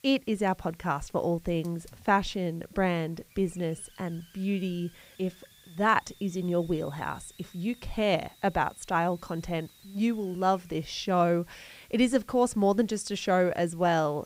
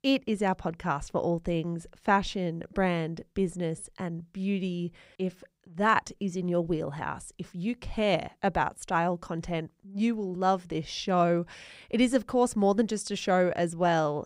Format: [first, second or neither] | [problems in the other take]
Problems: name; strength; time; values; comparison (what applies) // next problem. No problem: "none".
second | hiss; faint; throughout; 25 dB below the speech